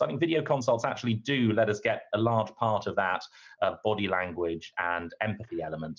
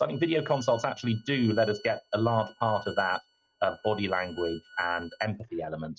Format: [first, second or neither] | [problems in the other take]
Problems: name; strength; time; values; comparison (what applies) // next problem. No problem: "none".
first | noise reduction (neural mask model RNNoise)